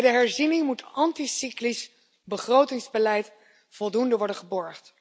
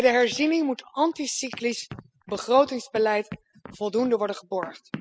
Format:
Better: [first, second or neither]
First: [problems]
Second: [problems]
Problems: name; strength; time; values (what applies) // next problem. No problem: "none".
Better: first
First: none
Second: noise reduction (classical method spectral subtraction)